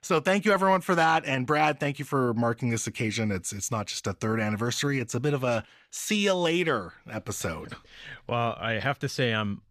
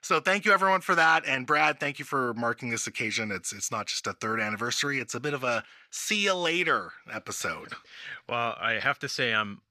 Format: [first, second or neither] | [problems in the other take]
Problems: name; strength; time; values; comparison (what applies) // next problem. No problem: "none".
first | thin; somewhat; fading below 600 Hz